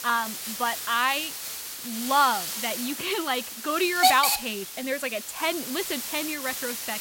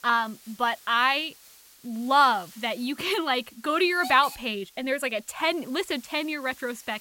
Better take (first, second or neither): second